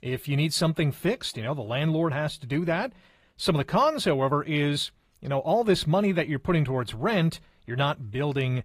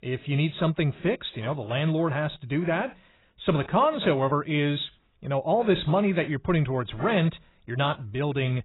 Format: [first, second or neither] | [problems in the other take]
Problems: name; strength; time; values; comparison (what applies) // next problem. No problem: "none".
first | garbled, watery; badly; nothing above 4 kHz; slightly in the first